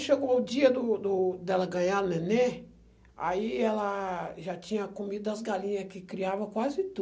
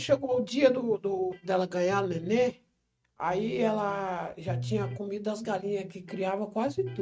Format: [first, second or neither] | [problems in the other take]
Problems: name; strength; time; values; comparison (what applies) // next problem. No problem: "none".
first | noise reduction (neural mask model RNNoise)